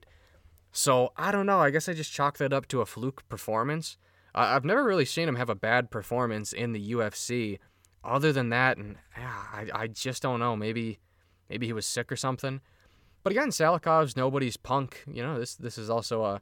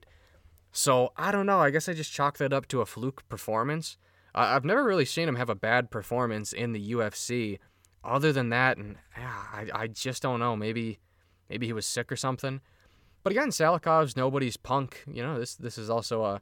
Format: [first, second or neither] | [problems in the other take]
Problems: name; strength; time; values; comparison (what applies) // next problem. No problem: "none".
neither | none